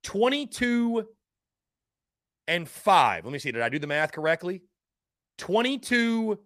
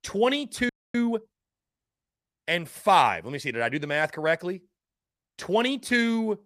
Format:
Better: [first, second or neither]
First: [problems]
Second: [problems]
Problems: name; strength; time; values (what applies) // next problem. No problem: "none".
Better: first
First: none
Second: audio freezing; at 0.5 s